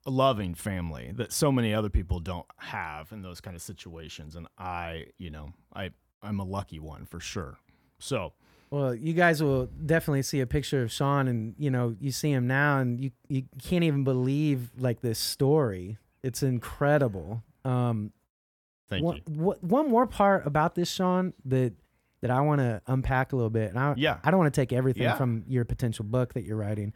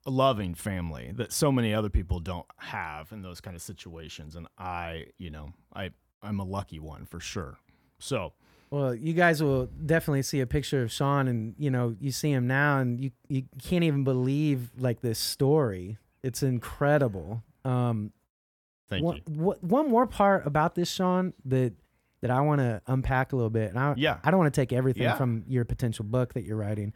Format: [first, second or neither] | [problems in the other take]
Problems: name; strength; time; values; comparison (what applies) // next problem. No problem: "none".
neither | none